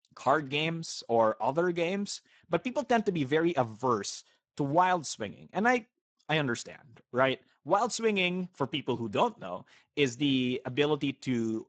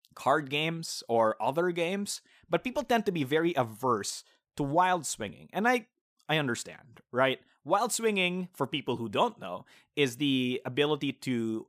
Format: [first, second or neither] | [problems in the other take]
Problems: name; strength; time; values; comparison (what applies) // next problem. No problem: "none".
second | garbled, watery; badly; nothing above 8 kHz